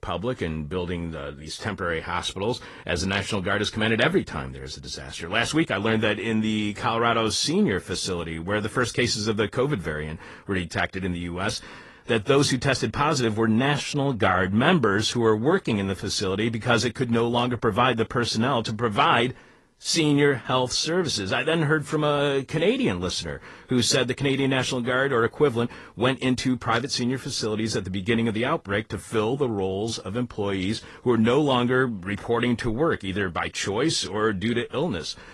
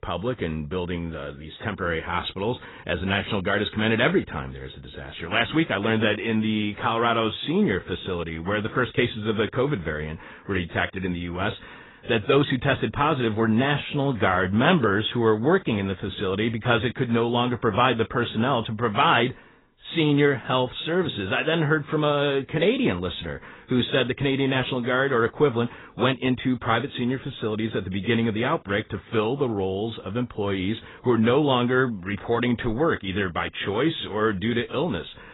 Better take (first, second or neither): first